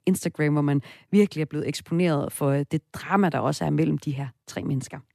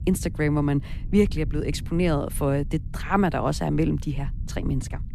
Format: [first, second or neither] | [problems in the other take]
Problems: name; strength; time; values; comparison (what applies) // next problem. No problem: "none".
first | low rumble; faint; throughout; 20 dB below the speech